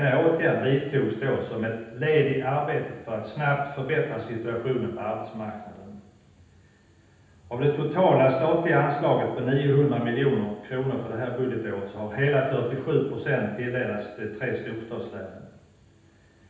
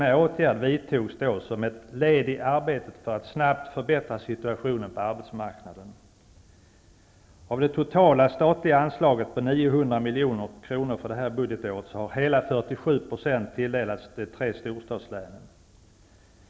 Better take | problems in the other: second | room echo; dies away in 0.9 s

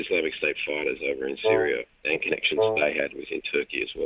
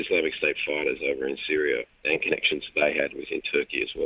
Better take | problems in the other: second | background sound (Wind instrument, woodwind instrument); 1 dB above the speech

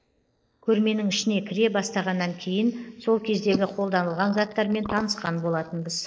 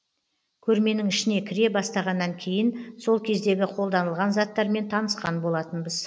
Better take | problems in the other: second | noise reduction (neural mask model Resemble Enhance denoiser)

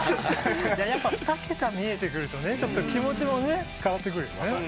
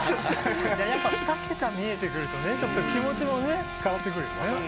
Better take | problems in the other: first | background sound (Trumpet); 7 dB below the speech

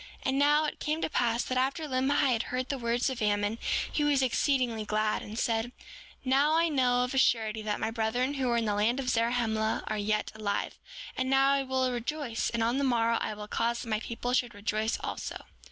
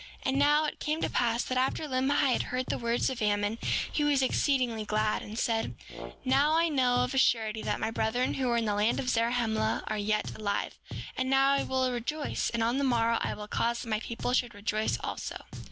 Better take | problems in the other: first | background sound (Brass instrument + Drum); 12 dB below the speech

